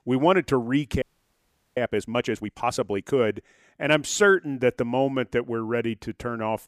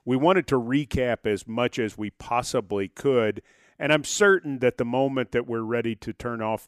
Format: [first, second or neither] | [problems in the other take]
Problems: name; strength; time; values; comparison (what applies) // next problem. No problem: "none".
second | audio freezing; at 1 s for 1 s